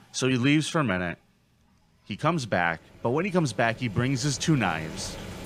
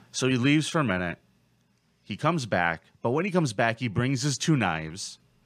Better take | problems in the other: second | household noises; noticeable; throughout; 20 dB below the speech

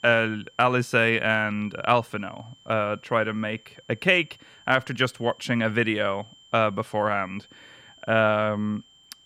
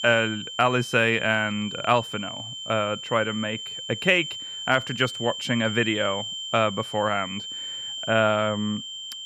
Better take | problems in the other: first | high-pitched whine; loud; throughout; 3 kHz, 8 dB below the speech; faint in the first

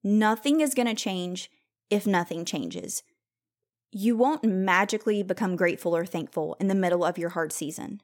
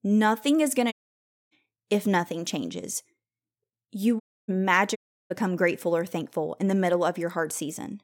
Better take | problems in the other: first | audio cutting out; at 1 s for 0.5 s, at 4 s and at 5 s

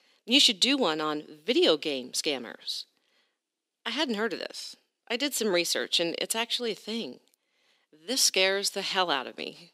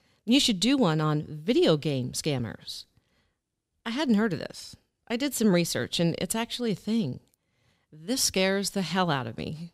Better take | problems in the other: second | thin; somewhat; fading below 300 Hz

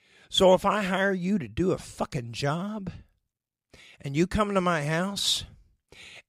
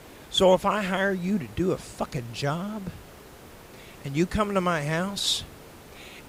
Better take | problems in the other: first | hiss; faint; throughout; 20 dB below the speech

